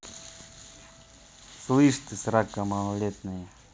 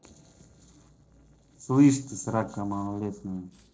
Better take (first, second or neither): first